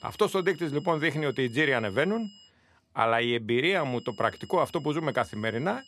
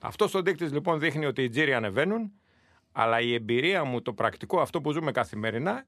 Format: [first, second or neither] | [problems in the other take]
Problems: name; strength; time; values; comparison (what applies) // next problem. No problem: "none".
second | high-pitched whine; faint; until 2.5 s and from 3.5 s on; 3 kHz, 25 dB below the speech